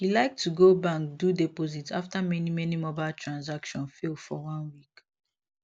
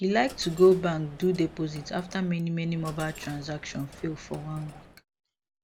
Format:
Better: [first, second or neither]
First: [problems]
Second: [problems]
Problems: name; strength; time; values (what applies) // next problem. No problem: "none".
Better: first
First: none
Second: background sound (Coin (dropping)); 19 dB below the speech